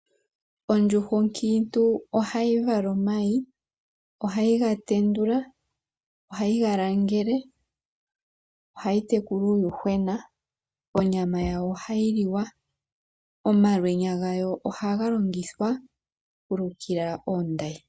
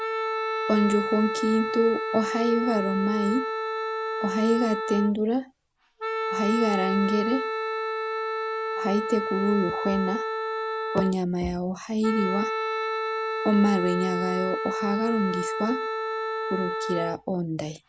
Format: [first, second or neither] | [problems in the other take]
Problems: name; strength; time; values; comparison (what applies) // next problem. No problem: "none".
first | background sound (Wind instrument, woodwind instrument); 3 dB below the speech